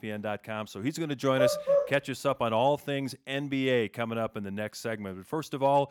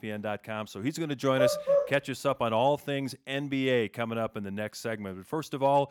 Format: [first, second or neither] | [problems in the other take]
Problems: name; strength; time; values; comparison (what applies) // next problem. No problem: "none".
neither | dog barking; loud; at 1.5 s; peak 5 dB above the speech; the same in both